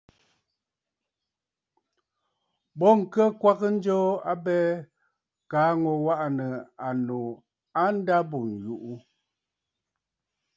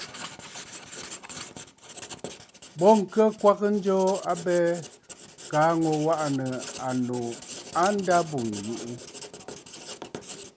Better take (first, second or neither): first